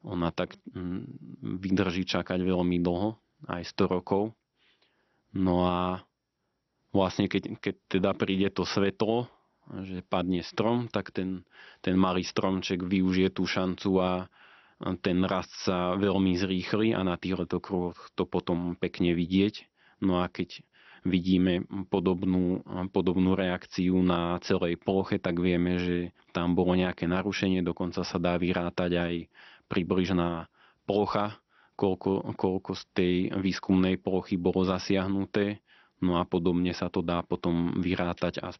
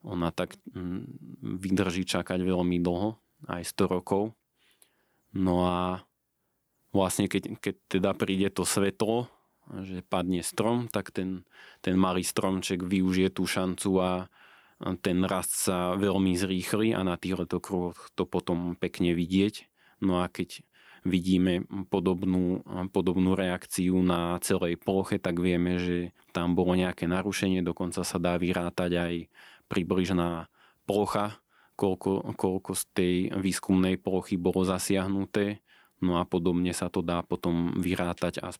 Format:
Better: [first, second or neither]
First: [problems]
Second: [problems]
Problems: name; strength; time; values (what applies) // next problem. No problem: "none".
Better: second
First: garbled, watery; slightly; nothing above 6 kHz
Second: none